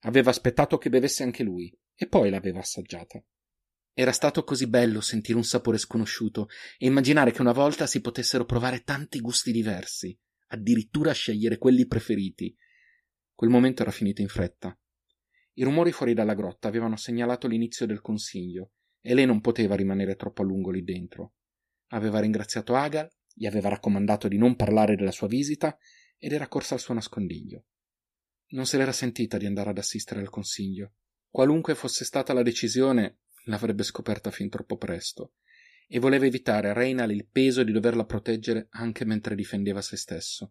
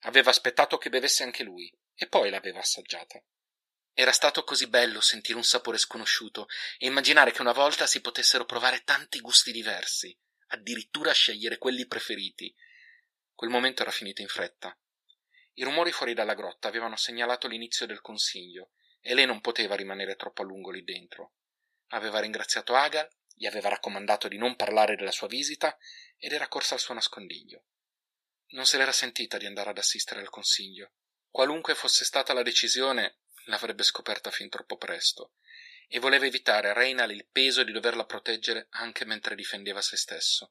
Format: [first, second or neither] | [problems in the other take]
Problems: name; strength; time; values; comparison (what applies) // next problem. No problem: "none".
first | thin; very; fading below 750 Hz